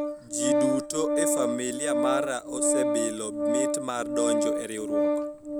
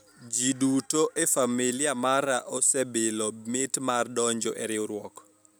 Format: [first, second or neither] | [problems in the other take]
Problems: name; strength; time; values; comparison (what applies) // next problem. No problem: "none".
second | background sound (Organ); 4 dB above the speech